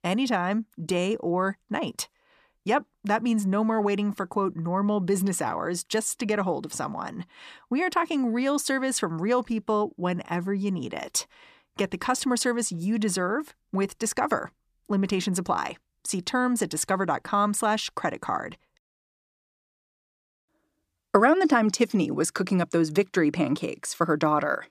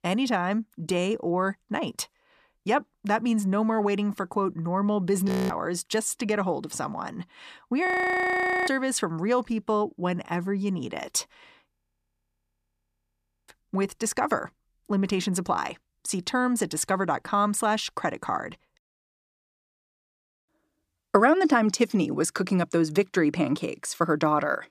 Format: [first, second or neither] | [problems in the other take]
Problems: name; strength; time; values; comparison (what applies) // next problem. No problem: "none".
first | audio freezing; at 5.5 s, at 8 s for 1 s and at 12 s for 2 s